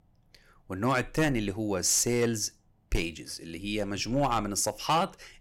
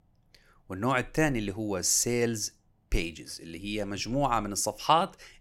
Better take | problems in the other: second | distortion; slight; 3% of the sound clipped

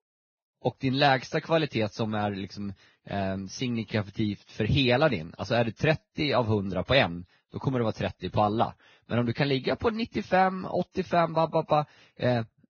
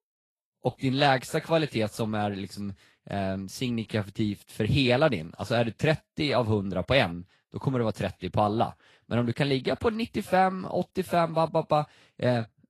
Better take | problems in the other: second | garbled, watery; badly; nothing above 6.5 kHz; slightly in the second

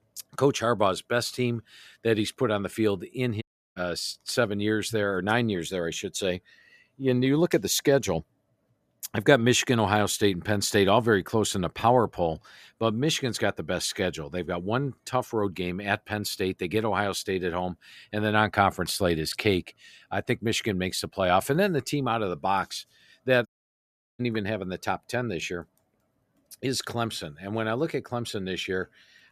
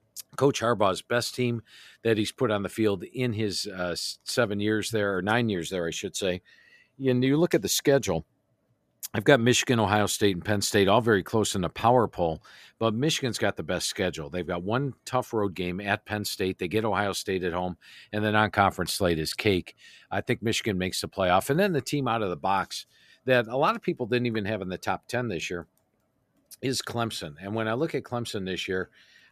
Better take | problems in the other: second | audio cutting out; at 3.5 s and at 23 s for 0.5 s

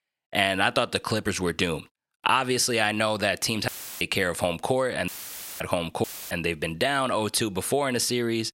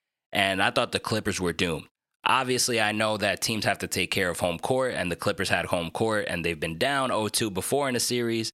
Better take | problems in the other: second | audio cutting out; filled with static; at 3.5 s, at 5 s for 0.5 s and at 6 s

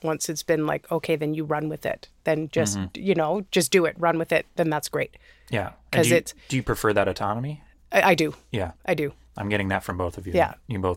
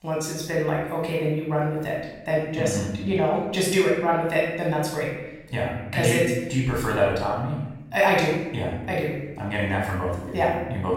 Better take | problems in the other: first | room echo; noticeable; dies away in 0.9 s // off-mic speech; far

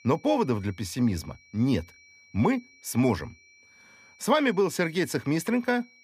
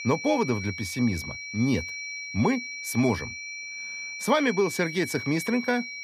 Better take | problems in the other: first | high-pitched whine; loud; throughout; 2.5 kHz, 7 dB below the speech; faint in the first

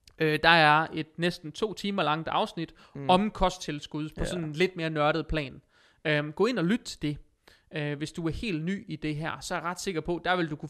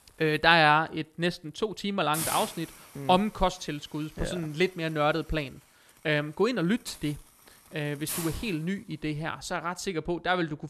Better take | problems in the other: first | hiss; loud; throughout; 9 dB below the speech

